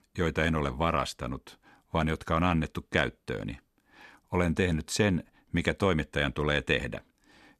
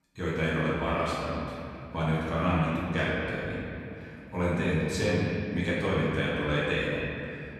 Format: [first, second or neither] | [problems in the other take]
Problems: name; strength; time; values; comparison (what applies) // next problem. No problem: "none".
first | off-mic speech; far // room echo; strong; dies away in 2.8 s